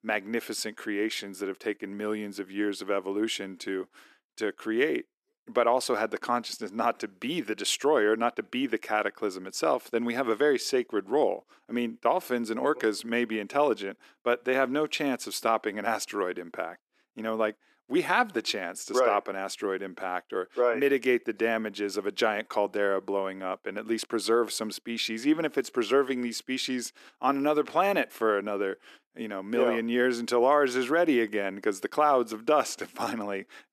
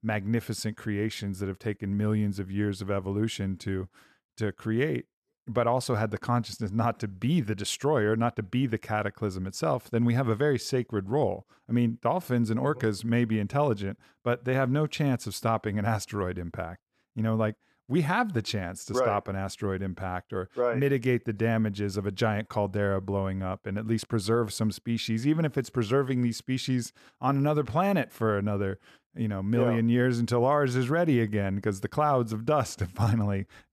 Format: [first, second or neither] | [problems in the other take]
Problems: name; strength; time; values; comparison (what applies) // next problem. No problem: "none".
second | thin; somewhat; fading below 300 Hz